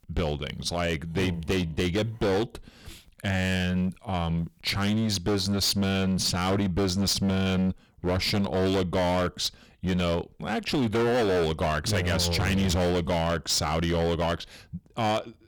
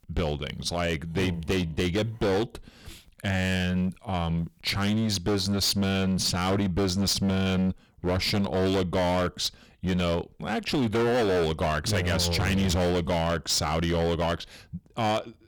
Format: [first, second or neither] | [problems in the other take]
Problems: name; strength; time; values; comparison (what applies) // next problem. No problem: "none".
neither | distortion; heavy; 20% of the sound clipped; the same in both